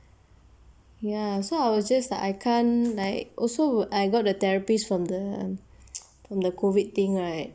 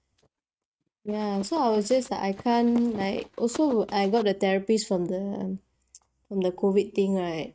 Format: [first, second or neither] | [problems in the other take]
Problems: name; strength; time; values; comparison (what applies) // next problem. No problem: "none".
first | noise reduction (neural mask model RNNoise)